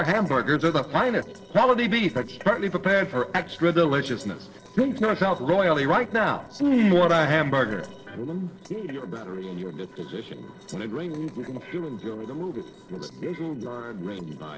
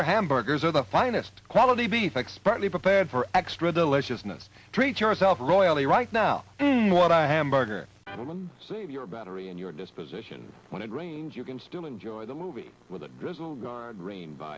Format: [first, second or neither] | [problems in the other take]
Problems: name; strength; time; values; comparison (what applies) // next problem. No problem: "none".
second | noise reduction (neural separator model SepFormer DNS4)